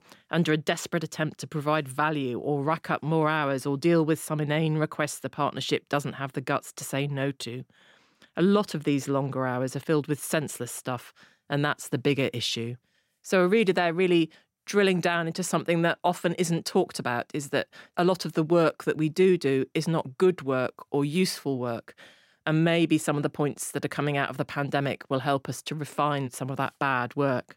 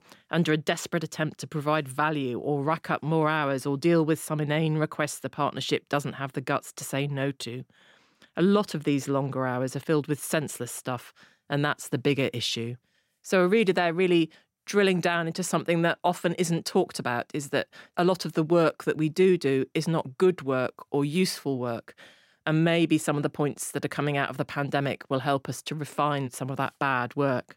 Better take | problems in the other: neither | none

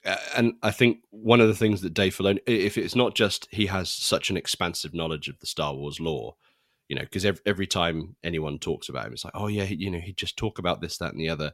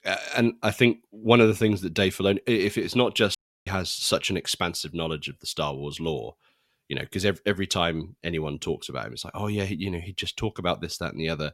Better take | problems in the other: first | audio cutting out; at 3.5 s

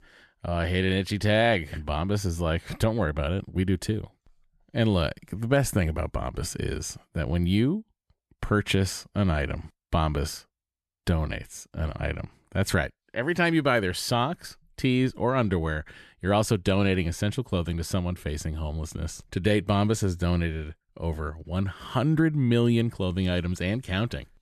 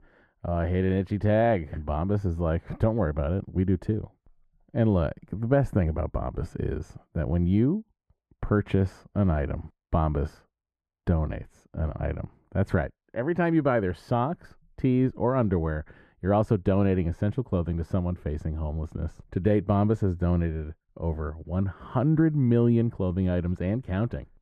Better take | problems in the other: first | muffled; very; fading above 2 kHz

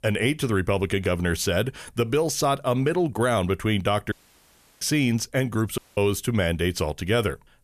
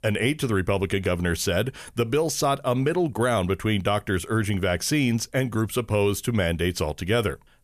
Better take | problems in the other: second | audio cutting out; at 4 s for 0.5 s and at 6 s

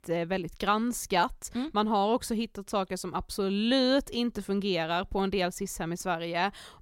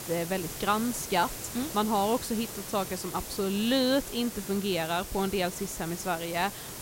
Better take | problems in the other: first | hiss; loud; throughout; 8 dB below the speech

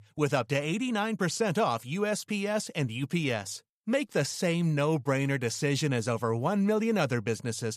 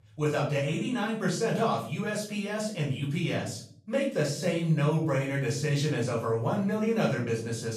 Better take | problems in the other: first | off-mic speech; far // room echo; noticeable; dies away in 0.5 s

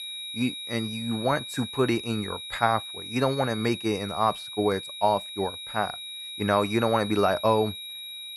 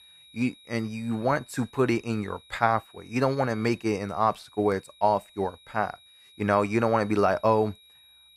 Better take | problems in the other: second | high-pitched whine; loud; throughout; 4 kHz, 8 dB below the speech; faint in the second

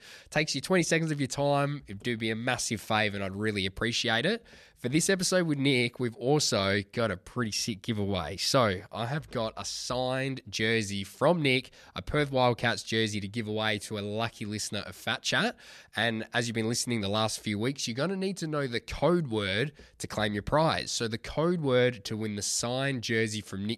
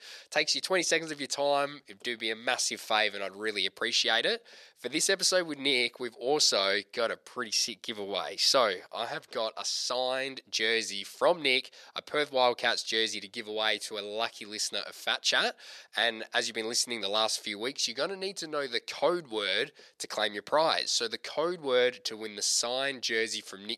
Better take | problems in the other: first | thin; somewhat; fading below 500 Hz

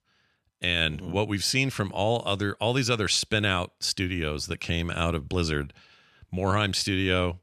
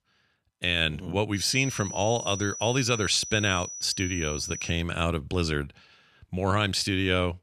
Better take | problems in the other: first | high-pitched whine; loud; from 1.5 to 4.5 s; 6 kHz, 9 dB below the speech

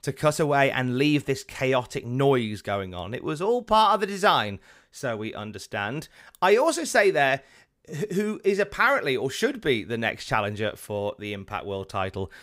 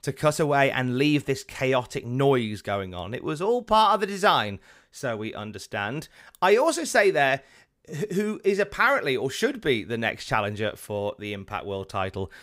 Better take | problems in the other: neither | none

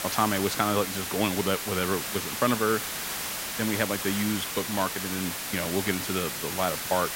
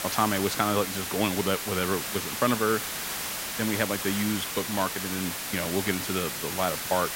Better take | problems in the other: neither | hiss; loud; throughout; 2 dB below the speech; the same in both

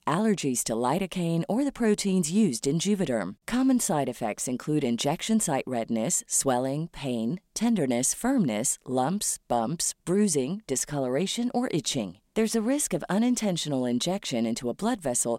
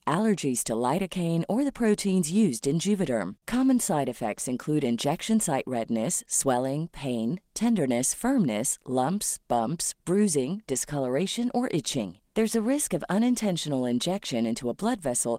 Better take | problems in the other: first | garbled, watery; slightly; nothing above 16 kHz

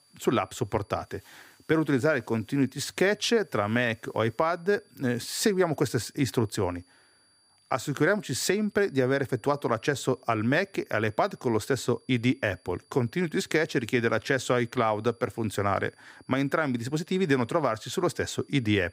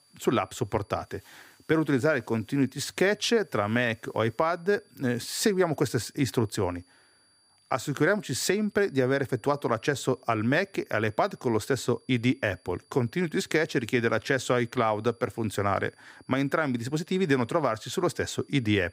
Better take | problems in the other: neither | high-pitched whine; faint; throughout; 4.5 kHz, 35 dB below the speech; the same in both

